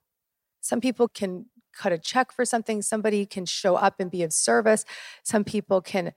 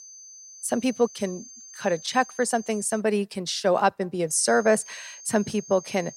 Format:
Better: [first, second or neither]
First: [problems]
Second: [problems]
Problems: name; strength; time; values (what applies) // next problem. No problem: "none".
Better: first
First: none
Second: high-pitched whine; noticeable; until 3 s and from 4.5 s on; 6.5 kHz, 15 dB below the speech